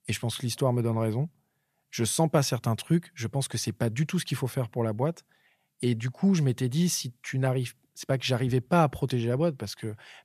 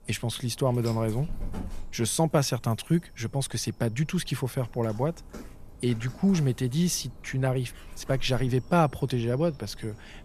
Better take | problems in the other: first | animal sounds; noticeable; throughout; 20 dB below the speech

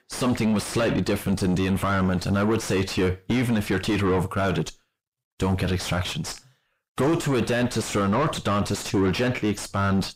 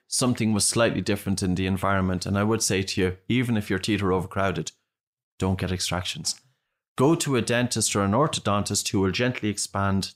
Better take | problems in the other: second | distortion; heavy; 4 dB below the speech

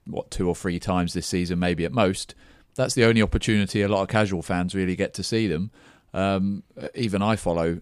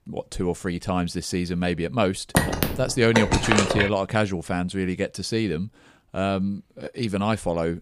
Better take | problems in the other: first | phone ringing; loud; from 2.5 to 4 s; peak 4 dB above the speech

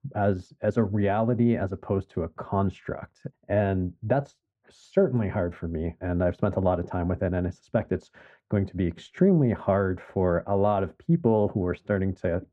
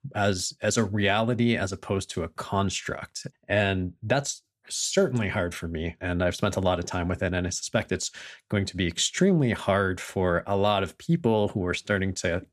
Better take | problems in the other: second | muffled; very; fading above 2.5 kHz

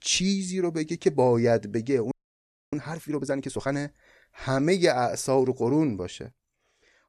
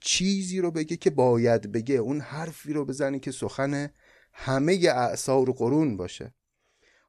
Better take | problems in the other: second | audio freezing; at 2 s for 0.5 s

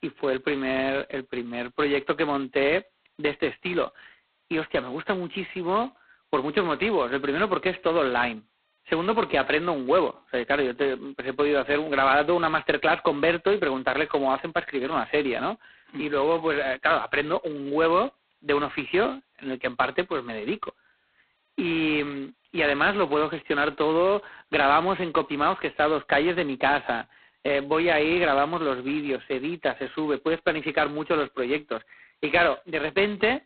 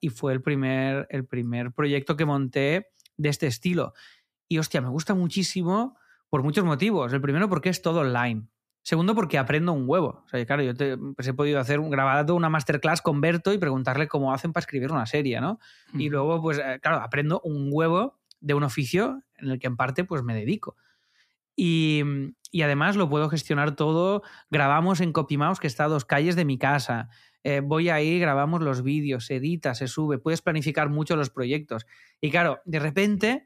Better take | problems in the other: second | phone-call audio; poor line; nothing above 4 kHz

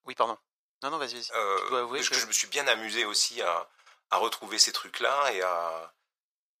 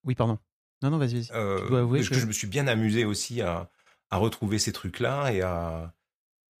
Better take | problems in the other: second | thin; very; fading below 550 Hz

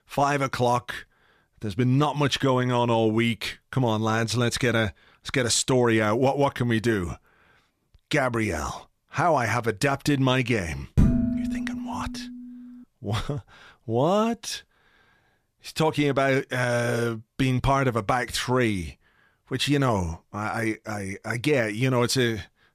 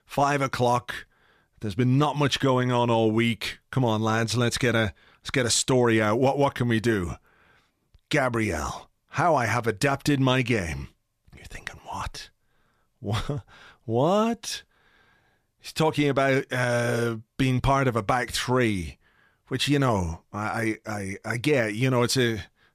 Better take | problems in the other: second | clattering dishes; loud; at 11 s; peak 3 dB above the speech

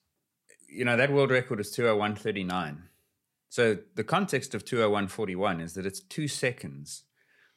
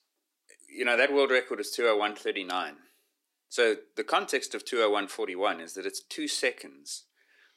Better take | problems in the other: first | thin; somewhat; fading below 300 Hz

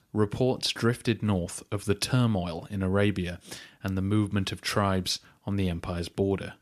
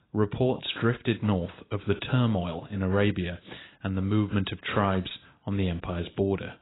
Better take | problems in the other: first | garbled, watery; badly; nothing above 4 kHz

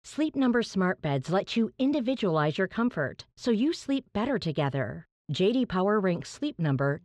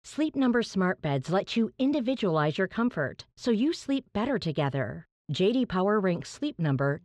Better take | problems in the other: neither | muffled; slightly; fading above 4 kHz; the same in both

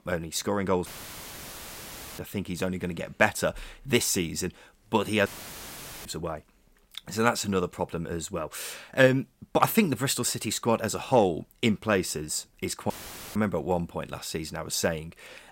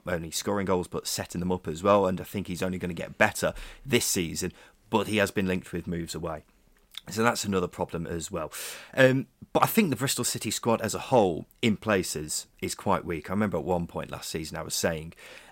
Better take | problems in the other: second | audio cutting out; filled with static; at 1 s for 1.5 s, at 5.5 s for 1 s and at 13 s

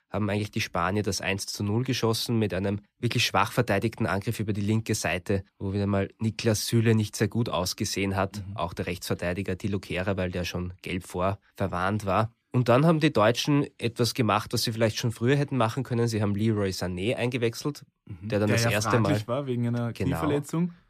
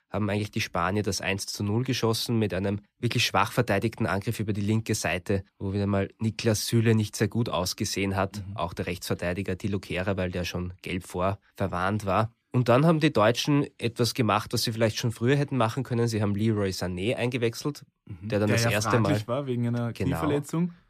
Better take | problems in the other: neither | none

